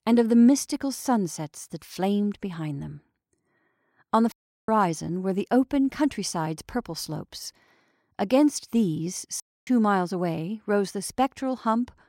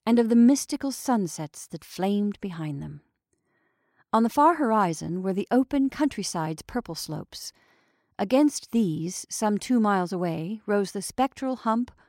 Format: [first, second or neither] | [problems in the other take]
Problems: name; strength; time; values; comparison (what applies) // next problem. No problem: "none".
second | audio cutting out; at 4.5 s and at 9.5 s